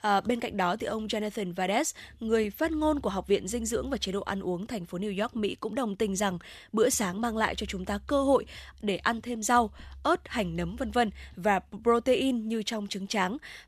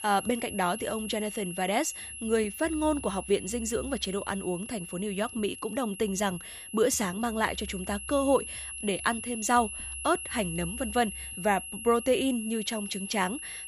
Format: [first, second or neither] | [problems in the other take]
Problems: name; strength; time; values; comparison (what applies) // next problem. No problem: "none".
first | high-pitched whine; loud; throughout; 11 kHz, 9 dB below the speech